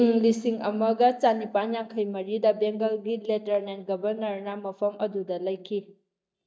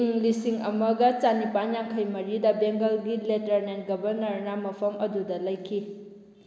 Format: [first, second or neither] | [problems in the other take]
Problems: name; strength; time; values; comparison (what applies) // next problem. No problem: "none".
second | noise reduction (neural mask model DeepFilterNet 3)